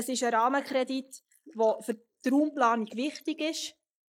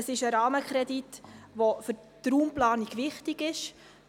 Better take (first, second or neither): second